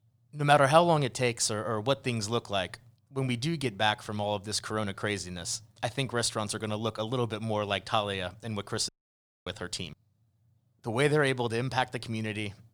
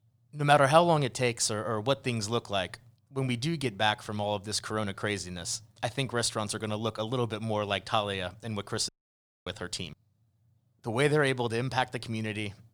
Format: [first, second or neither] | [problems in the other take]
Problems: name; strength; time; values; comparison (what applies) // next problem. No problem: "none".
neither | audio cutting out; at 9 s for 0.5 s; the same in both